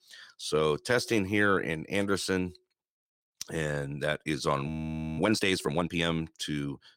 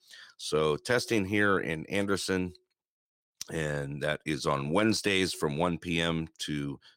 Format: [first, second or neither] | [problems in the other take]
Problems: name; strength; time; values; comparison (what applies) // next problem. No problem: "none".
second | audio freezing; at 4.5 s for 0.5 s